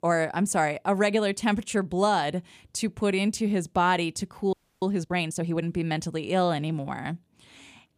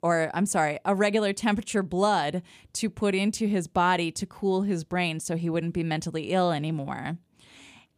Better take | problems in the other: second | audio freezing; at 4.5 s

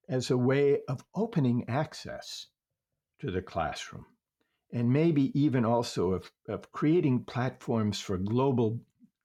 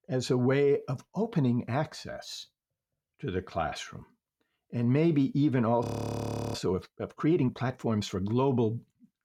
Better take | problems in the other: first | audio freezing; at 6 s for 0.5 s

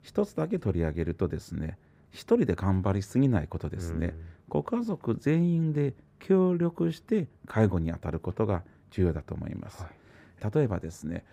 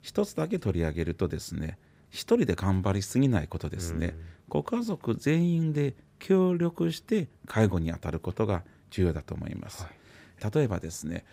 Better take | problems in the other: second | muffled; slightly; fading above 2 kHz

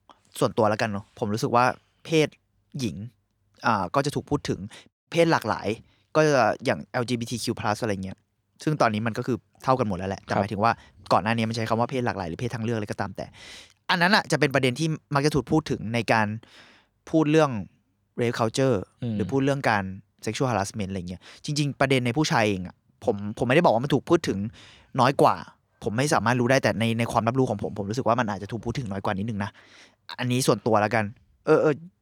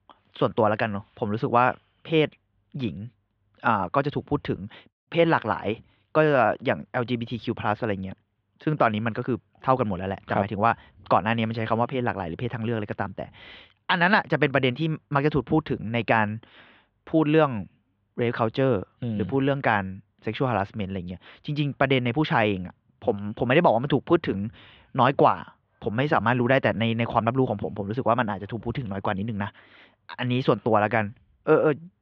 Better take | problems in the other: first | muffled; very; fading above 3.5 kHz

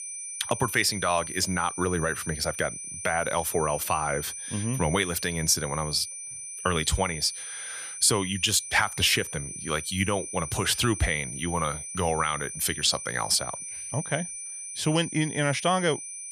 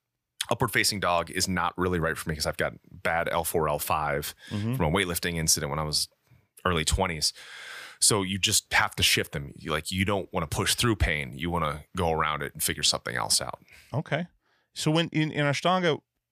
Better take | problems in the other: second | high-pitched whine; loud; throughout; 9.5 kHz, 8 dB below the speech

